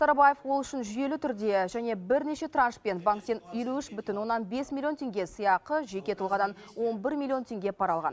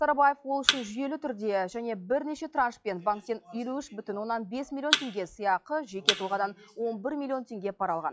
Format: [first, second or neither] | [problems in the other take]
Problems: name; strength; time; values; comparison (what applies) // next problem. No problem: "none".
first | noise reduction (classical method log-MMSE)